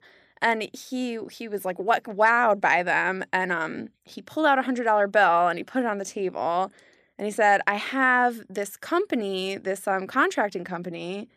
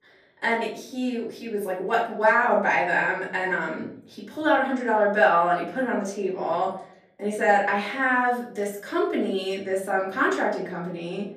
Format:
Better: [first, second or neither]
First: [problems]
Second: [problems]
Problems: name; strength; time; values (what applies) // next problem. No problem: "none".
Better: first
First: none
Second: off-mic speech; far // room echo; slight; dies away in 0.6 s